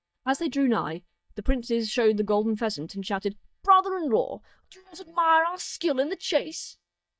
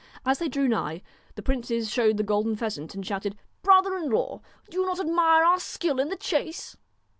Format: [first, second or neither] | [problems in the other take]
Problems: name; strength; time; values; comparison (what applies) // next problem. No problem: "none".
second | noise reduction (neural mask model DeepFilterNet 3)